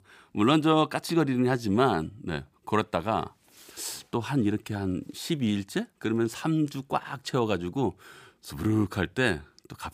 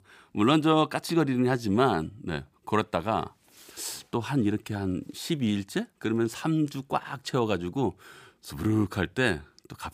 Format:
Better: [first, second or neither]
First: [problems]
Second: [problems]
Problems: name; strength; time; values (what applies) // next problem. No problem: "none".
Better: neither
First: none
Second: none